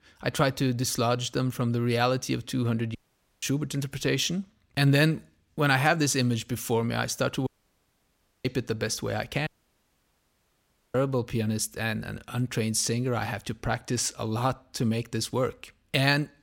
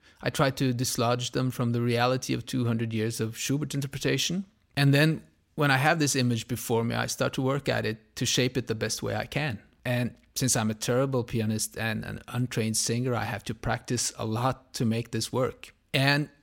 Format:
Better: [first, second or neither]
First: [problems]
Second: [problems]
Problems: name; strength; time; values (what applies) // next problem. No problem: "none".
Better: second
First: audio cutting out; at 3 s, at 7.5 s for 1 s and at 9.5 s for 1.5 s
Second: none